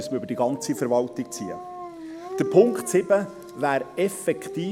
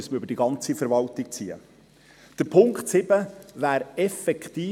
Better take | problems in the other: second | background sound (Dog); 12 dB below the speech

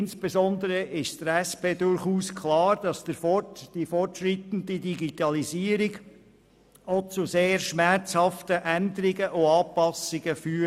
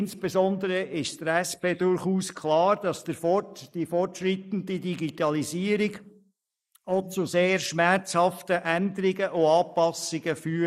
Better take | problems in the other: first | noise reduction (neural mask model Resemble Enhance denoiser)

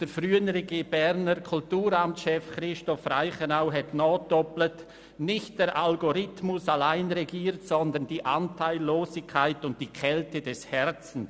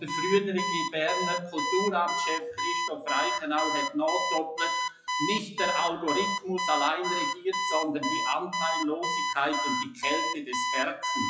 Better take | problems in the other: first | noise reduction (classical method WPE with log-MMSE)

